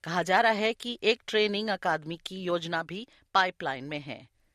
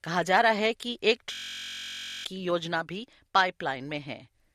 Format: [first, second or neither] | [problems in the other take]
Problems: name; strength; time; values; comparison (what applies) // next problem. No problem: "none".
first | audio freezing; at 1.5 s for 1 s